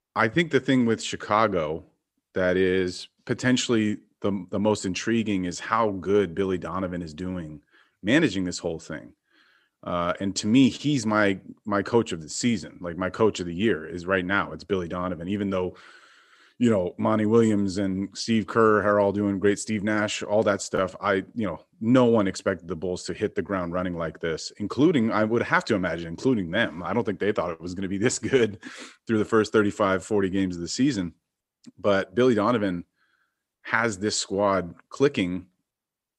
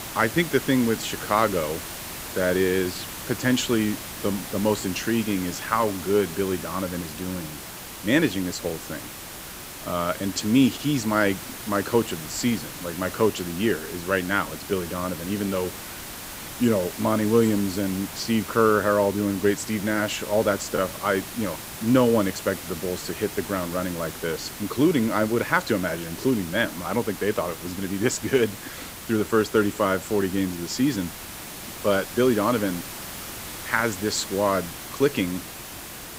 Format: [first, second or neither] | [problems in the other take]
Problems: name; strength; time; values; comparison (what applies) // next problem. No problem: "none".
first | hiss; noticeable; throughout; 10 dB below the speech